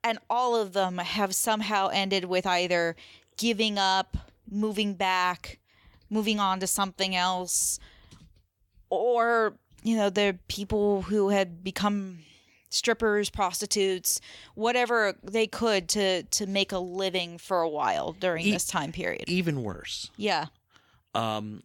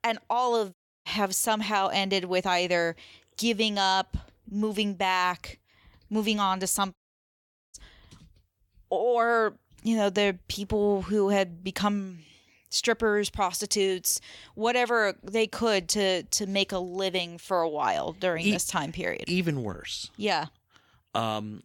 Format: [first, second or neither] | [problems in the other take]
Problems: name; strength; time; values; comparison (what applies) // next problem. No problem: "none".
first | audio cutting out; at 0.5 s and at 7 s for 1 s